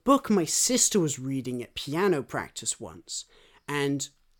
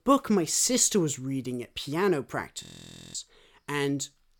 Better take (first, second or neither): first